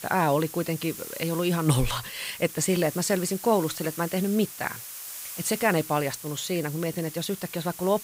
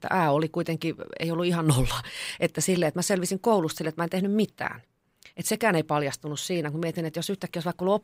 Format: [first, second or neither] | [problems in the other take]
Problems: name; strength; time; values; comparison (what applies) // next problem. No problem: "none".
second | hiss; noticeable; throughout; 10 dB below the speech